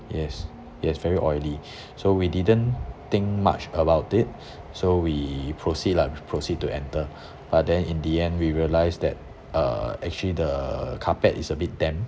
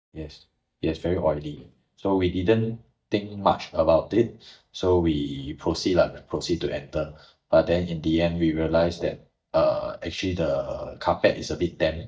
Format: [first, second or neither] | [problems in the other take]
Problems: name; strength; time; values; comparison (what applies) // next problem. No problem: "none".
first | noise reduction (neural mask model DeepFilterNet 3)